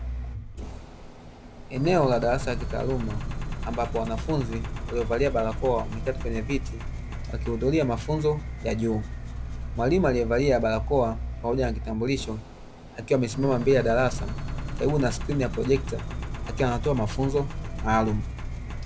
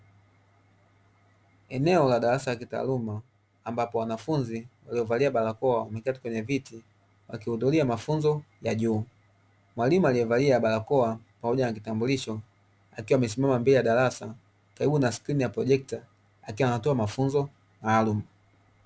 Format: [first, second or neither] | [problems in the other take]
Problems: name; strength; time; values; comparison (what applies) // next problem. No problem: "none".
second | background sound (Engine); 5 dB below the speech